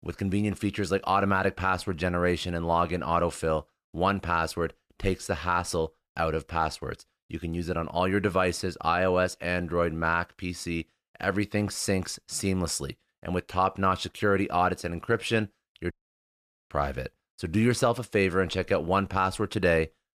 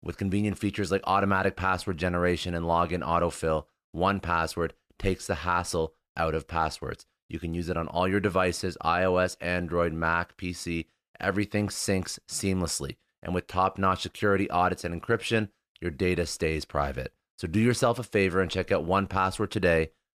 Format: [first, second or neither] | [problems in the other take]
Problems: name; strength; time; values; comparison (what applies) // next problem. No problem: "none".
second | audio cutting out; at 16 s for 1 s